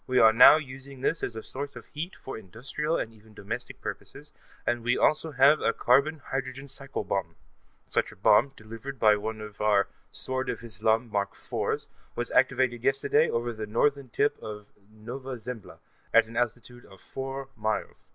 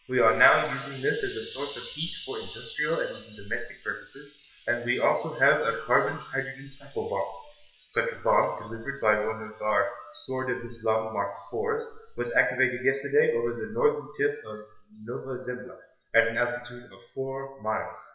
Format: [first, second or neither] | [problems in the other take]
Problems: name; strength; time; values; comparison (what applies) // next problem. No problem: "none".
first | noise reduction (classical method WPE with log-MMSE)